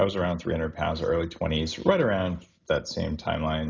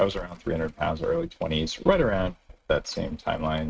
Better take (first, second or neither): first